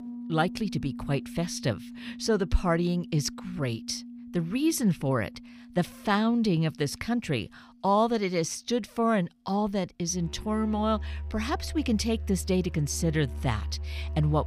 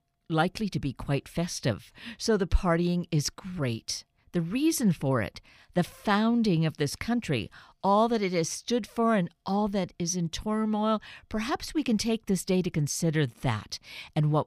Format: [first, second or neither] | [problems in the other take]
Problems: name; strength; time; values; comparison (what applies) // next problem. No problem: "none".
second | background music; noticeable; throughout; 10 dB below the speech